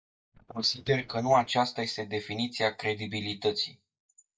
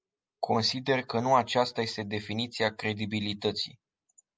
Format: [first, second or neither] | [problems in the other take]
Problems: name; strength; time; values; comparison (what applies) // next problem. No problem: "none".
second | noise reduction (neural mask model DeepFilterNet 3)